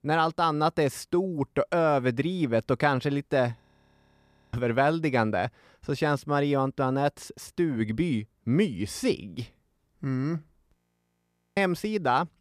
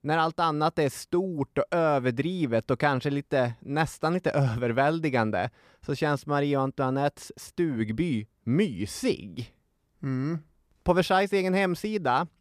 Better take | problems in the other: second | audio freezing; at 3.5 s for 1 s and at 11 s for 1 s

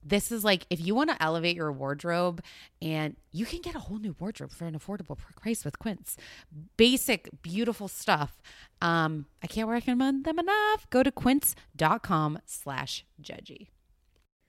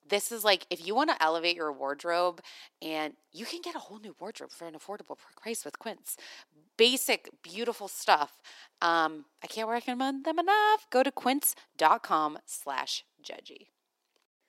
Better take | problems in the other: first | thin; somewhat; fading below 300 Hz

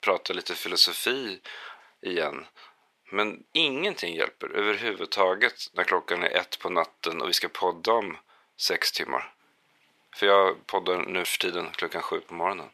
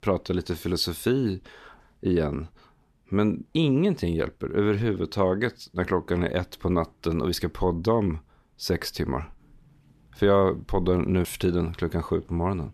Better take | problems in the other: second | thin; very; fading below 650 Hz

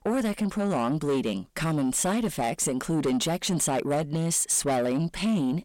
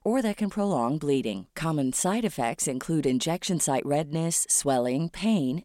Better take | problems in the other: second | distortion; slight; 10 dB below the speech

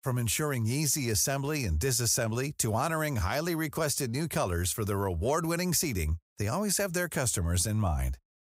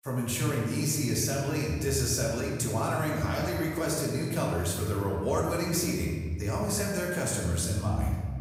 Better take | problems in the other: first | room echo; noticeable; dies away in 1.6 s // off-mic speech; far

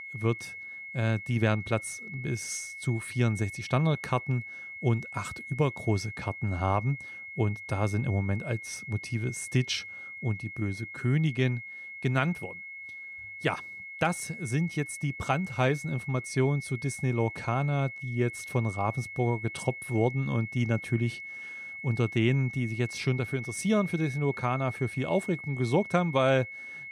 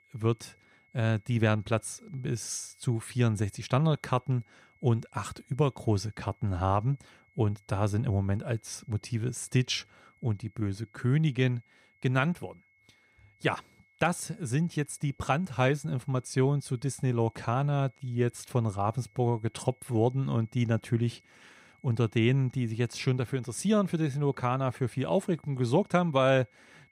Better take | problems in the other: second | high-pitched whine; loud; throughout; 2 kHz, 10 dB below the speech; faint in the second

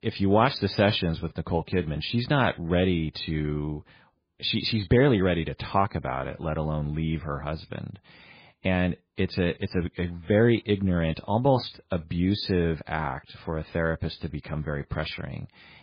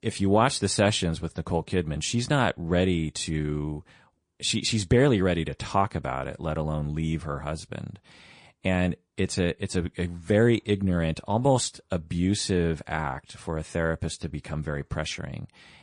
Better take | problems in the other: second | garbled, watery; badly; slightly in the second

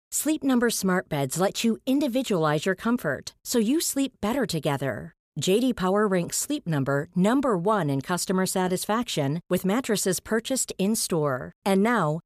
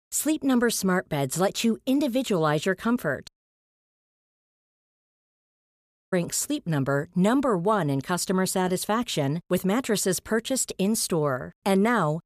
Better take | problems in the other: first | audio cutting out; at 3.5 s for 3 s

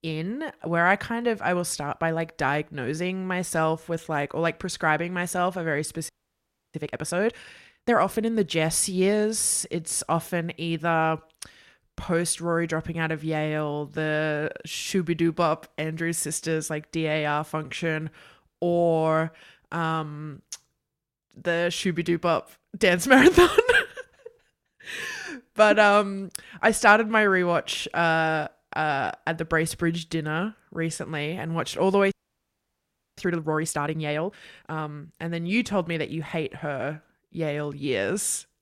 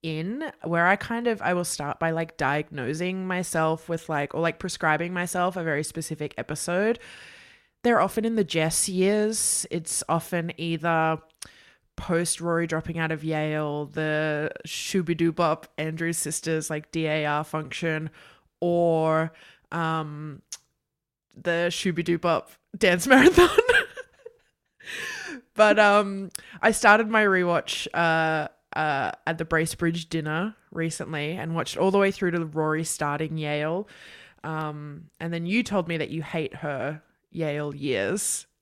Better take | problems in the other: second | audio freezing; at 6 s for 0.5 s and at 32 s for 1 s

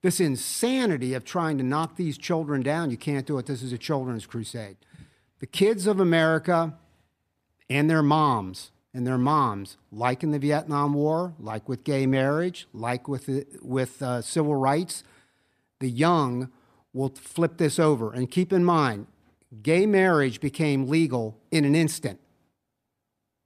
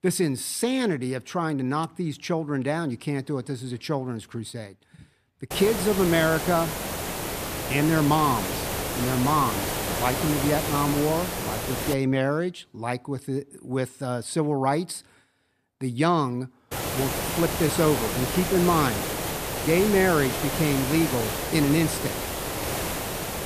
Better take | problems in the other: first | hiss; loud; from 5.5 to 12 s and from 17 s on; 3 dB below the speech

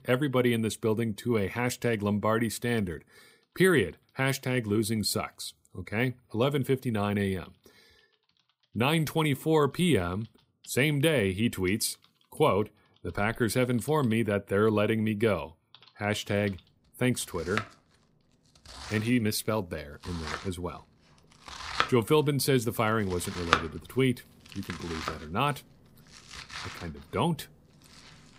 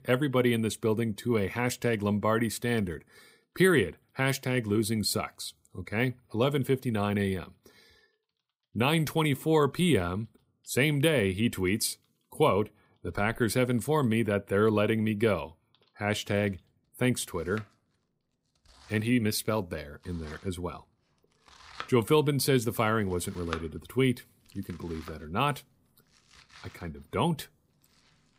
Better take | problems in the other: second | household noises; loud; throughout; 8 dB below the speech; faint in the second

